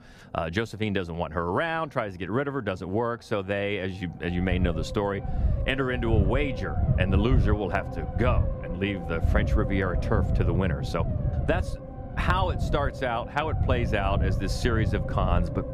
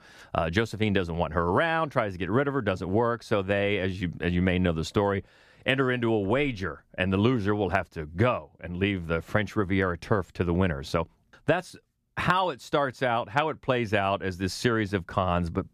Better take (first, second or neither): second